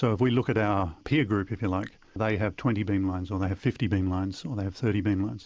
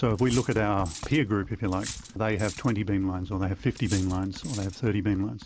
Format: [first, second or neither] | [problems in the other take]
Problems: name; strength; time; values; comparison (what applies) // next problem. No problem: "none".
first | background sound (Computer keyboard + Cutlery, silverware); 14 dB below the speech